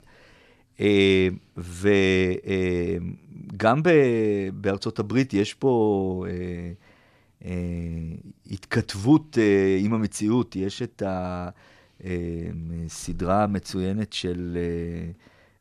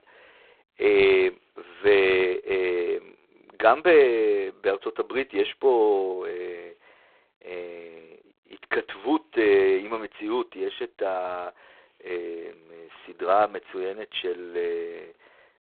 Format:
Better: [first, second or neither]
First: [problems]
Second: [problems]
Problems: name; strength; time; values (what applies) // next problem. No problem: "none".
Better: first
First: none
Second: phone-call audio; poor line; nothing above 4 kHz